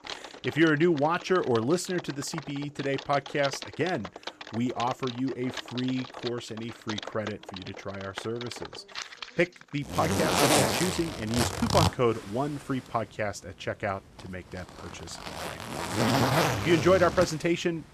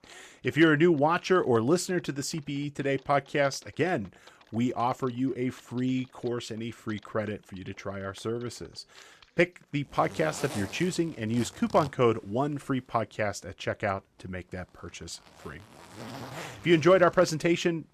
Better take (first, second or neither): second